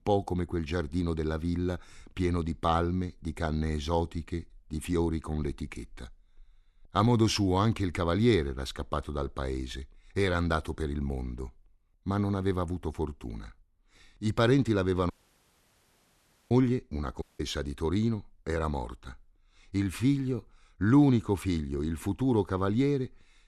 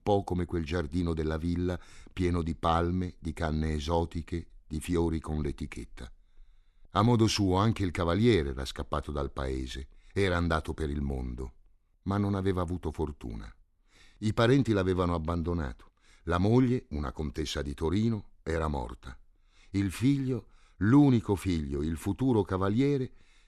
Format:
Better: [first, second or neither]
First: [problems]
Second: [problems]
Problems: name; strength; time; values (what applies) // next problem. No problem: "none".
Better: second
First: audio cutting out; at 15 s for 1.5 s and at 17 s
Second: none